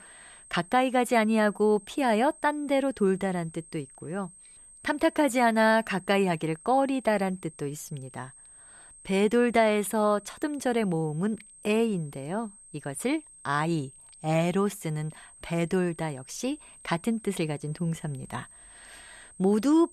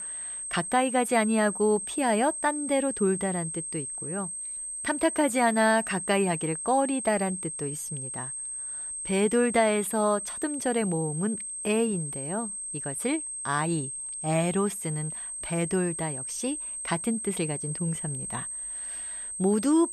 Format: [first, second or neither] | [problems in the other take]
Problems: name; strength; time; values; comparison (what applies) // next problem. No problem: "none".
first | high-pitched whine; loud; throughout; 8.5 kHz, 5 dB below the speech; faint in the first